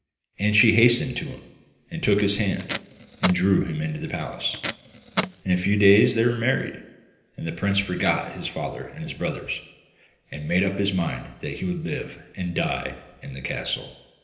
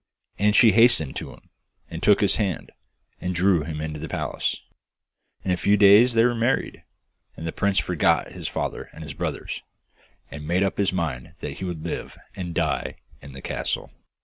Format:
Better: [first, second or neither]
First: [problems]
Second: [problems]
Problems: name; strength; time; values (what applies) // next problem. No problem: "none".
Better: second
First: background sound (Packing tape, duct tape); 9 dB below the speech // room echo; dies away in 0.8 s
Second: none